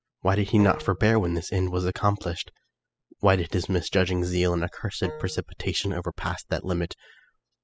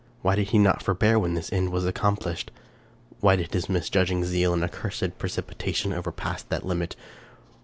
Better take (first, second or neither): second